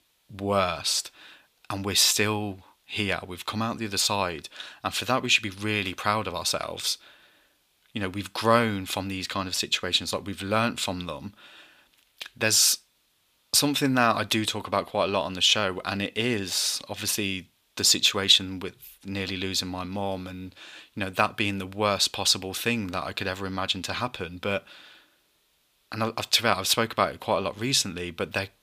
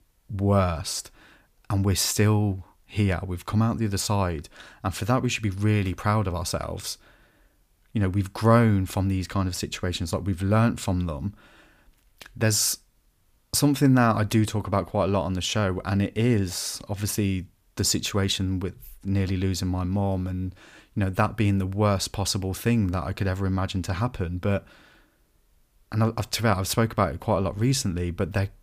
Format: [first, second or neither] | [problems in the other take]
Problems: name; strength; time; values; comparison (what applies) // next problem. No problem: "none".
second | thin; somewhat; fading below 1 kHz